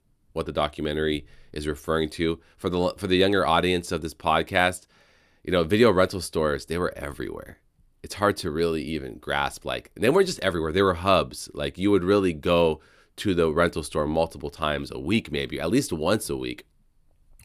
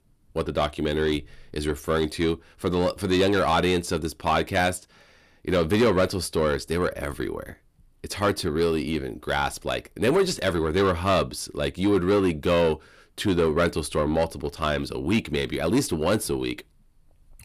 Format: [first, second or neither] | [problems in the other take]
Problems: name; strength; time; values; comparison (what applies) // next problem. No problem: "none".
first | distortion; slight; 10 dB below the speech